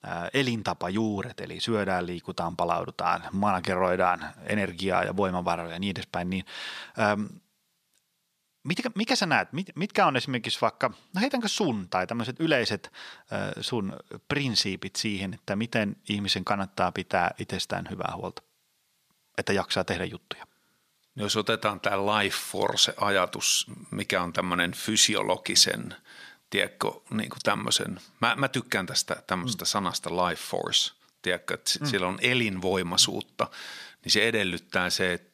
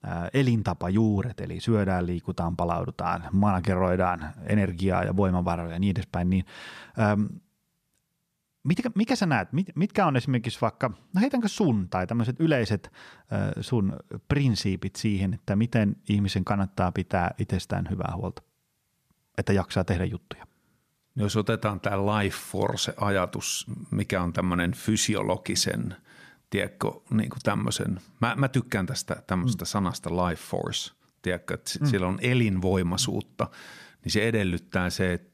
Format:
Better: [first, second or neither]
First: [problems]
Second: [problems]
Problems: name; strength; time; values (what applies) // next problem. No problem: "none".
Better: second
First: thin; somewhat; fading below 500 Hz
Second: none